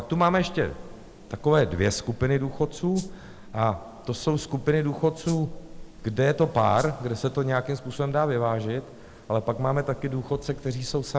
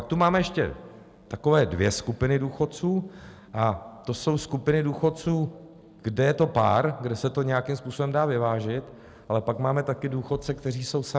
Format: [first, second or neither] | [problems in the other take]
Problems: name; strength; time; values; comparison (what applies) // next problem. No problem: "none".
second | background sound (Wind + Rattle (instrument)); 18 dB below the speech